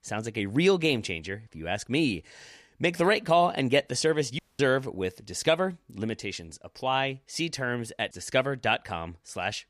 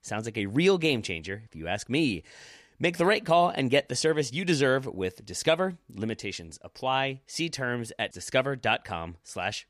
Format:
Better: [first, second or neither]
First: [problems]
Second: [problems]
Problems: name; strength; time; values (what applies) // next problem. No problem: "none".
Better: second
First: audio cutting out; at 4.5 s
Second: none